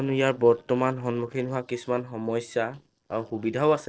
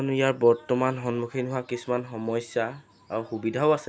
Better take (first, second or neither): second